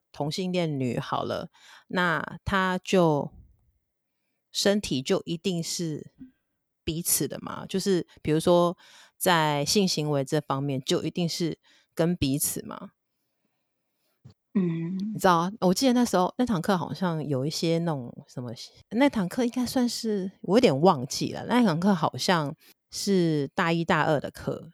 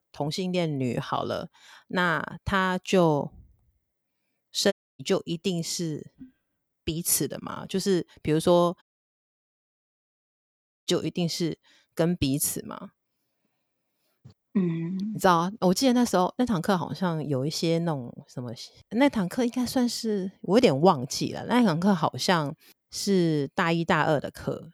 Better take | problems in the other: first | audio cutting out; at 4.5 s and at 9 s for 2 s

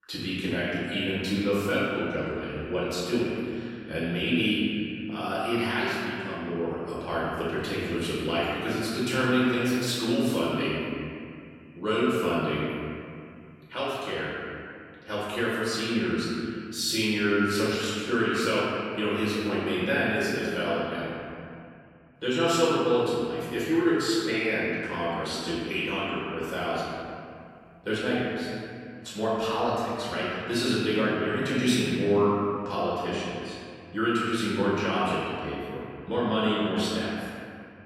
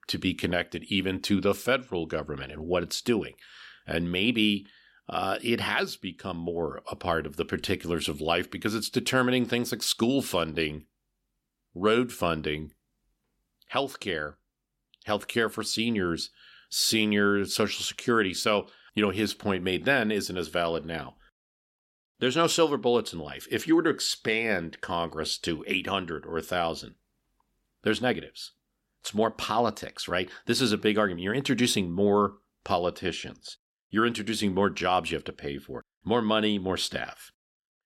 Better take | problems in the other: second | room echo; strong; dies away in 2.3 s // off-mic speech; far

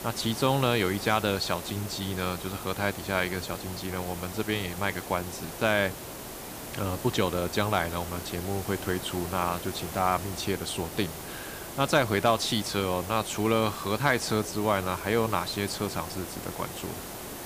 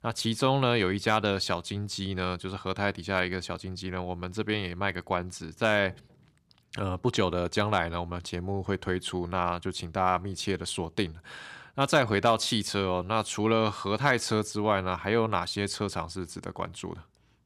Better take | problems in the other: second | hiss; loud; throughout; 9 dB below the speech

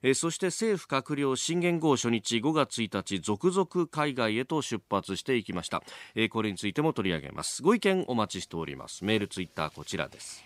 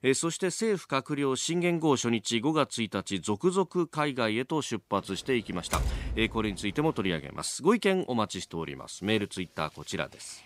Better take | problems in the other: first | door banging; noticeable; at 5.5 s; peak 3 dB below the speech

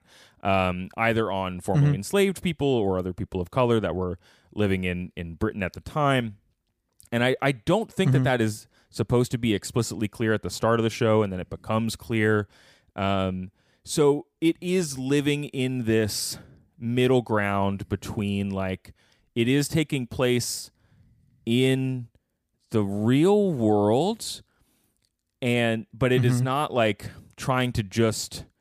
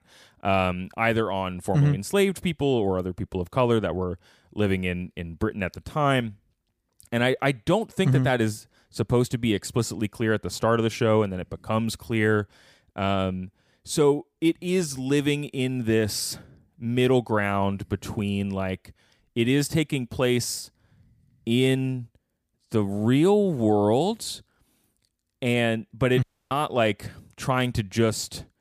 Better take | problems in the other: first | audio cutting out; at 26 s

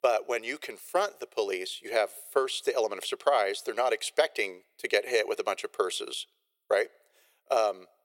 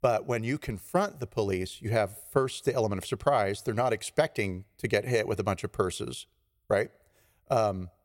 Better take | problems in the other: second | thin; very; fading below 400 Hz

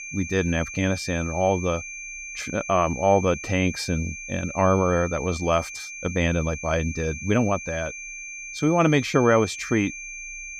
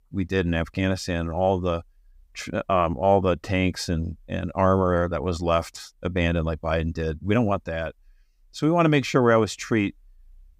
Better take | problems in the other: second | high-pitched whine; noticeable; throughout; 2.5 kHz, 10 dB below the speech

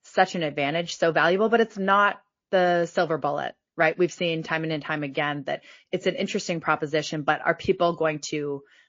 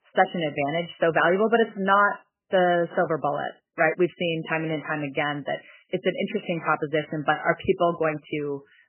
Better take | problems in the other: first | garbled, watery; badly; nothing above 3 kHz; slightly in the first

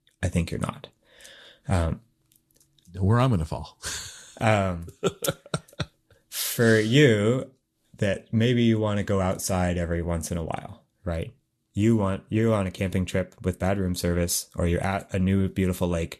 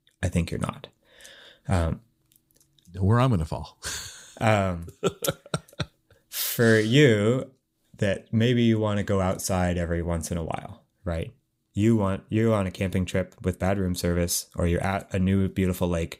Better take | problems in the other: second | garbled, watery; slightly; nothing above 13 kHz

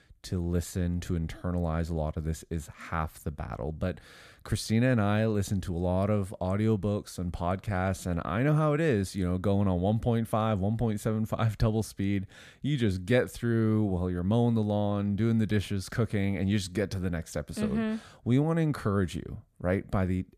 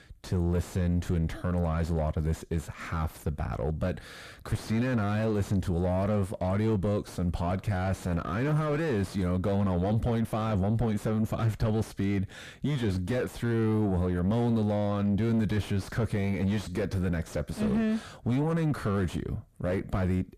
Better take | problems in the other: first | distortion; heavy; 6 dB below the speech

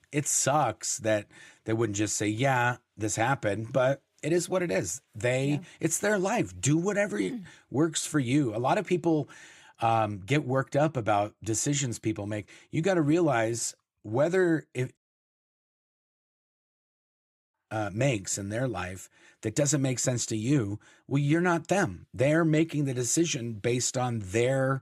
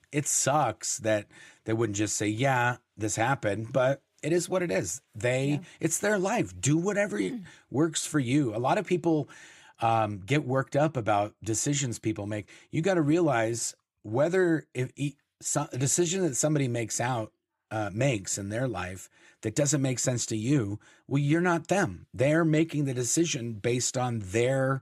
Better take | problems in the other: second | audio cutting out; at 15 s for 2.5 s

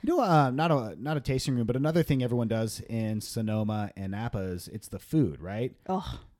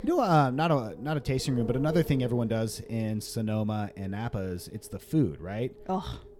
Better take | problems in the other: first | wind noise on the microphone; occasional gusts; 15 dB below the speech

